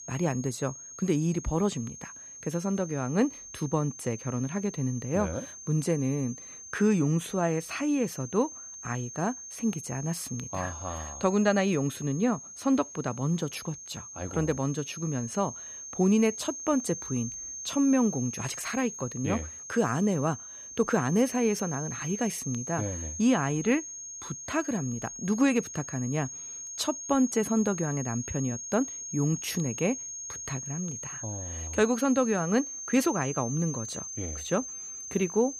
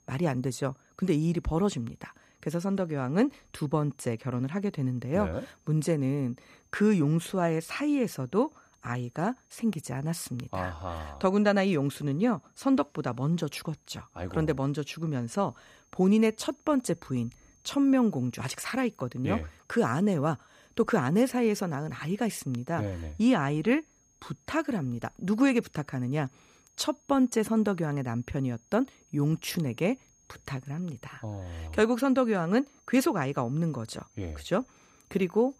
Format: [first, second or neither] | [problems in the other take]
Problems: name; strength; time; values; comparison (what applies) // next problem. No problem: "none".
second | high-pitched whine; loud; throughout; 6.5 kHz, 9 dB below the speech; faint in the second